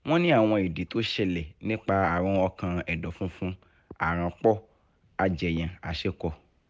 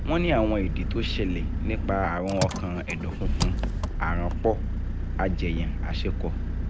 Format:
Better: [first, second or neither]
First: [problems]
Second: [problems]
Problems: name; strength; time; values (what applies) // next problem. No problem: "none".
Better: first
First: none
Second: background sound (Engine); 2 dB above the speech